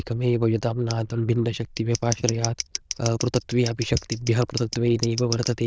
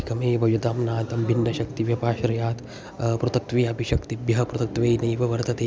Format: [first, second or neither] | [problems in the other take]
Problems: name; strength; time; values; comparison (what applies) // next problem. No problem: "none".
second | noise reduction (neural diffusion model UNIVERSE++)